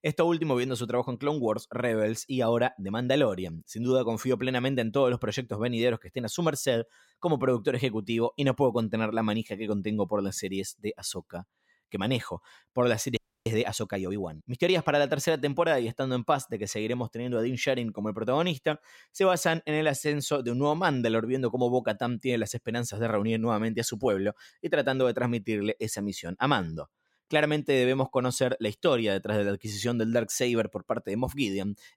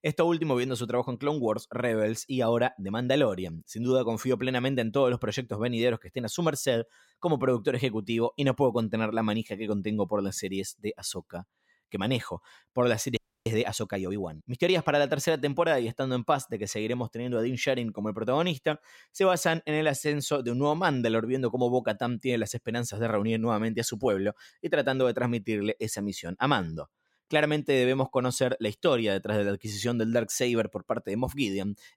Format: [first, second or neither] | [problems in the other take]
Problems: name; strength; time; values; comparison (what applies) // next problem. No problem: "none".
neither | audio freezing; at 13 s; the same in both